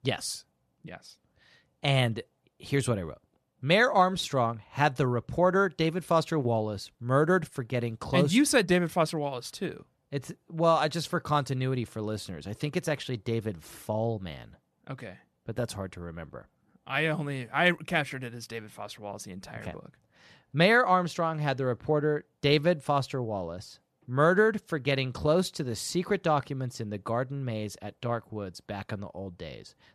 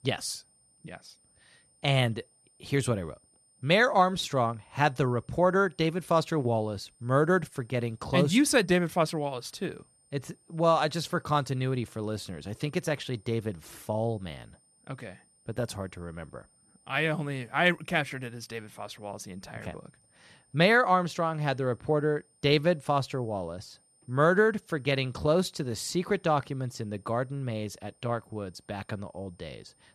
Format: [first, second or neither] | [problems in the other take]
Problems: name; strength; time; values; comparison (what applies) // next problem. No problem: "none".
first | high-pitched whine; faint; throughout; 9 kHz, 35 dB below the speech